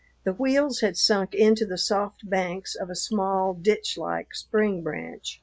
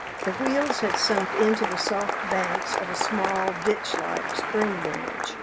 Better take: first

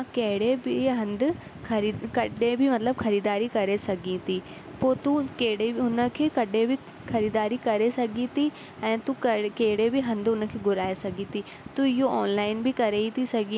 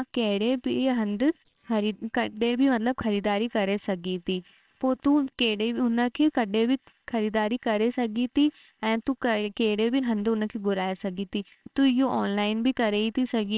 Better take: first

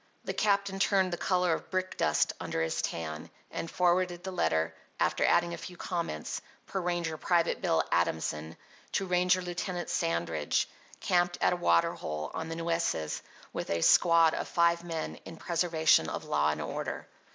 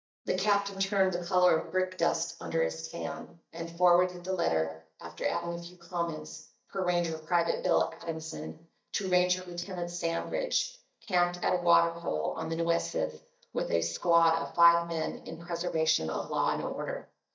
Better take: first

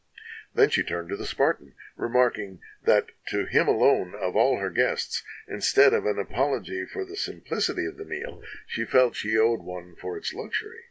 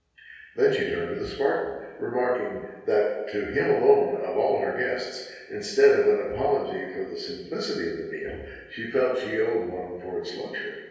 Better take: first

